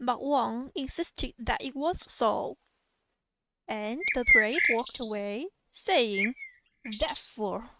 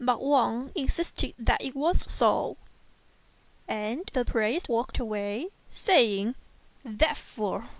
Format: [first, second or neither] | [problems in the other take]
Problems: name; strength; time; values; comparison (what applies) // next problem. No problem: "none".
second | noise reduction (neural mask model RNNoise)